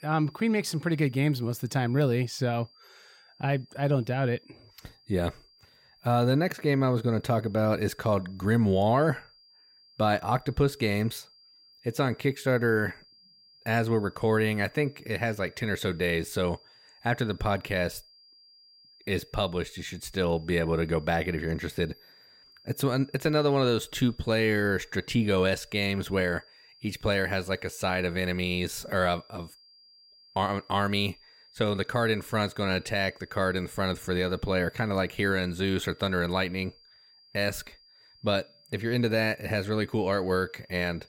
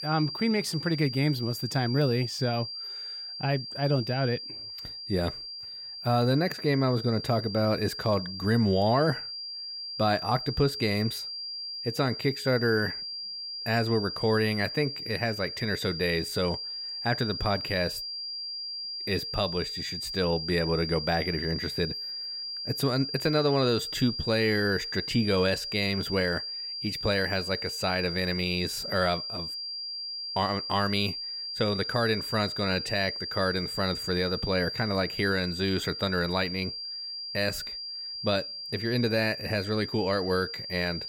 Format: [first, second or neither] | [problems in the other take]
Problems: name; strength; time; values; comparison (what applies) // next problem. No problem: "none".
first | high-pitched whine; loud; throughout; 4.5 kHz, 5 dB below the speech; faint in the first